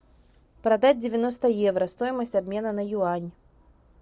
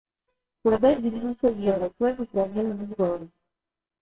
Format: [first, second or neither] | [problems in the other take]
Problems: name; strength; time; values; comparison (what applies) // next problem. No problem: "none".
first | noise reduction (neural separator model SepFormer WHAMR!)